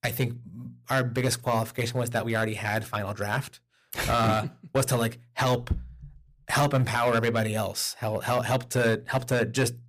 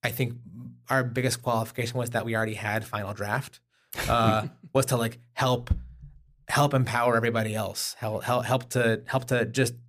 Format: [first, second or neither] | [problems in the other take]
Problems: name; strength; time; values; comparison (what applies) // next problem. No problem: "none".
second | distortion; slight; 5% of the sound clipped